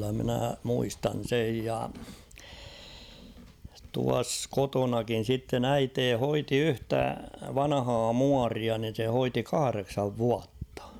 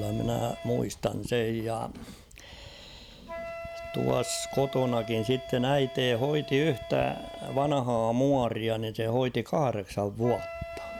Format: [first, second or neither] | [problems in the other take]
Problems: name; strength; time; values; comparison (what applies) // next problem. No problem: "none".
first | background sound (Wind instrument, woodwind instrument); 14 dB below the speech